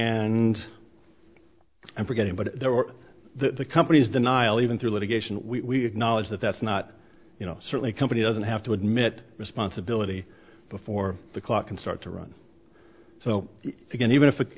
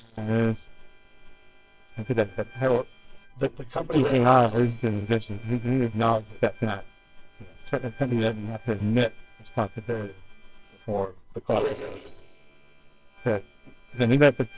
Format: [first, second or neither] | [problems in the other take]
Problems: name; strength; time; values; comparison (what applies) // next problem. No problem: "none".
first | noise reduction (neural separator model SepFormer WHAMR!)